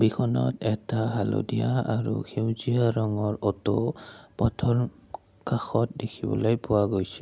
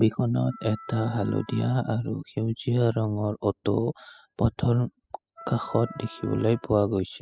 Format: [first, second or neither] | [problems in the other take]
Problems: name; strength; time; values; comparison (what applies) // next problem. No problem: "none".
first | noise reduction (classical method spectral subtraction)